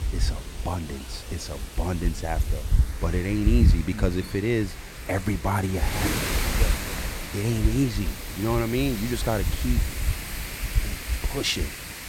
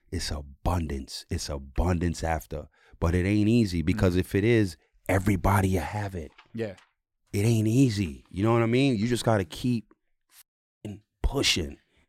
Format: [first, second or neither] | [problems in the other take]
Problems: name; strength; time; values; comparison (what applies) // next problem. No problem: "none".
second | wind noise on the microphone; heavy; 3 dB below the speech